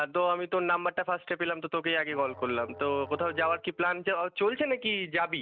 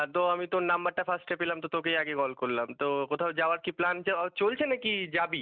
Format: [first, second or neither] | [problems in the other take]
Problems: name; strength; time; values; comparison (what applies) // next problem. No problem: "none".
second | background sound (Musical instrument); 18 dB below the speech